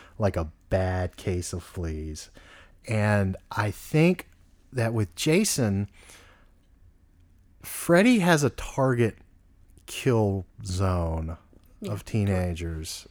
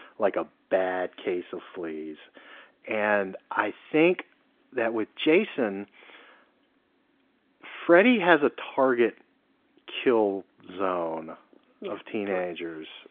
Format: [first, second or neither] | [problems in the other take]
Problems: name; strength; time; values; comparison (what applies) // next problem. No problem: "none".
first | phone-call audio; nothing above 3.5 kHz